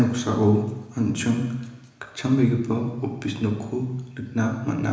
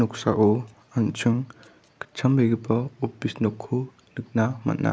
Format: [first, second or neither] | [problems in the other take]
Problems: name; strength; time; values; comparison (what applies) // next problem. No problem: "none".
second | room echo; dies away in 1 s